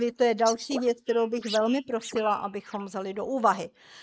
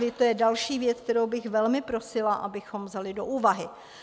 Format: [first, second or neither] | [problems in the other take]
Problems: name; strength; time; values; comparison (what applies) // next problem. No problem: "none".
second | noise reduction (neural mask model Resemble Enhance denoiser)